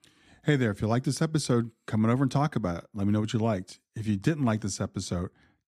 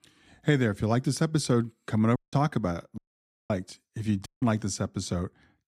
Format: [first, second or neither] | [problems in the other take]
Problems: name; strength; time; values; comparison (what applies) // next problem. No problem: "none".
first | audio cutting out; at 2 s, at 3 s for 0.5 s and at 4.5 s